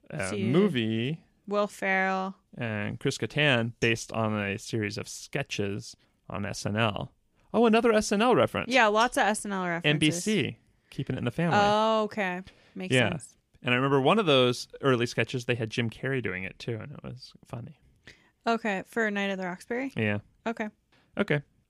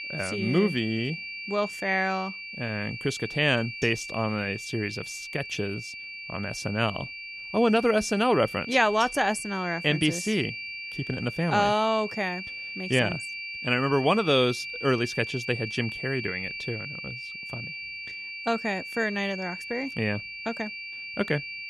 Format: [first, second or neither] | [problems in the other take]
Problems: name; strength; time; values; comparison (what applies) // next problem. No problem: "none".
first | high-pitched whine; loud; throughout; 2.5 kHz, 8 dB below the speech